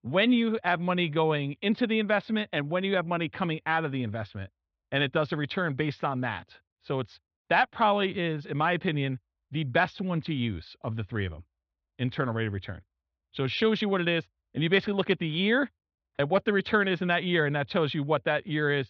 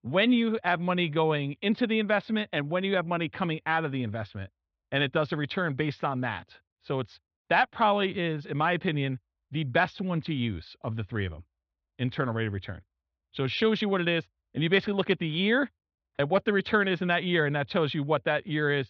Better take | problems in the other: neither | muffled; slightly; fading above 4 kHz; the same in both

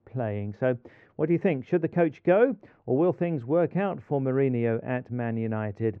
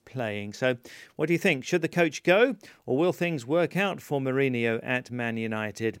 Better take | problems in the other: second | muffled; very; fading above 1 kHz

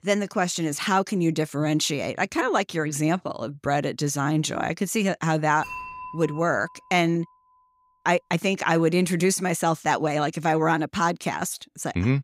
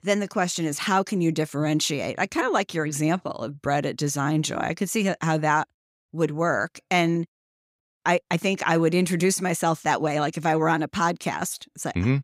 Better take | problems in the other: second | clattering dishes; faint; from 5.5 to 7 s; peak 10 dB below the speech

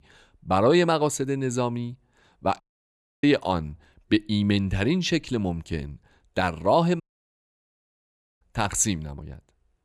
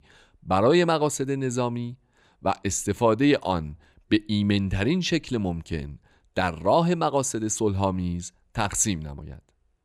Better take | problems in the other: second | audio cutting out; at 2.5 s for 0.5 s and at 7 s for 1.5 s

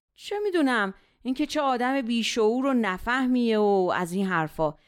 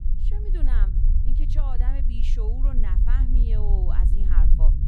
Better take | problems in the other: first | low rumble; loud; throughout; 3 dB below the speech

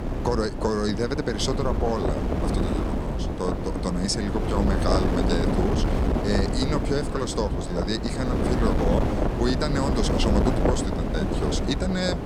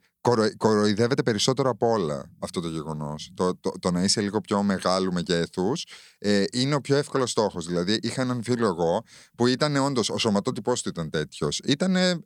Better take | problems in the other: second | wind noise on the microphone; heavy; 1 dB below the speech

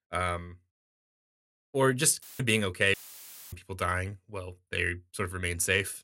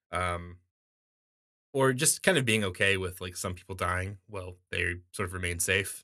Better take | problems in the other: second | audio cutting out; filled with static; at 2 s and at 3 s for 0.5 s

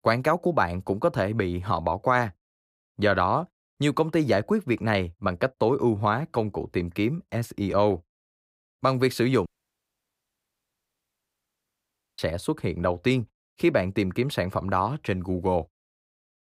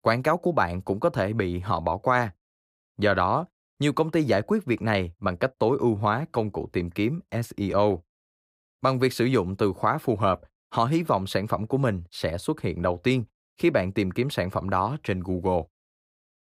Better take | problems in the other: second | audio cutting out; at 9.5 s for 2.5 s

